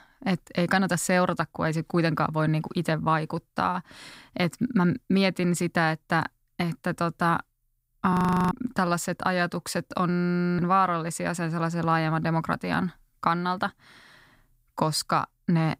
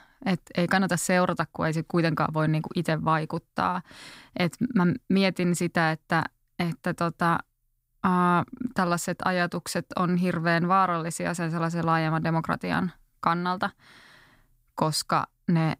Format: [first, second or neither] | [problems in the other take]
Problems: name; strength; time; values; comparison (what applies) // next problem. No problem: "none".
second | audio freezing; at 8 s and at 10 s